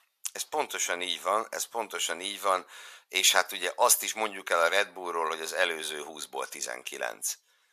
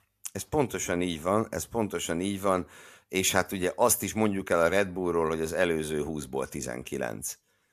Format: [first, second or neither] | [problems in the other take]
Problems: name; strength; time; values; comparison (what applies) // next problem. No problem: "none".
second | thin; very; fading below 800 Hz